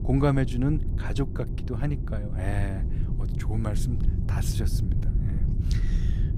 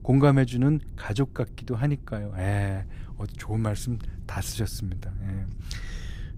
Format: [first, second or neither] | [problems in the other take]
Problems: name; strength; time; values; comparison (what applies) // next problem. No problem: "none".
second | low rumble; loud; throughout; 8 dB below the speech; faint in the second